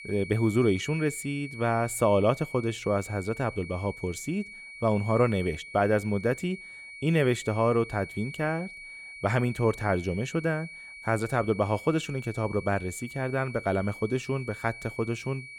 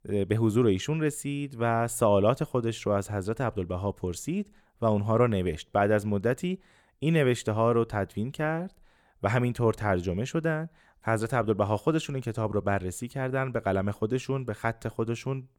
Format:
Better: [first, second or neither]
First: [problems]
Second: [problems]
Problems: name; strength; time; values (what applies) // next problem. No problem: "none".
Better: second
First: high-pitched whine; noticeable; throughout; 2.5 kHz, 15 dB below the speech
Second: none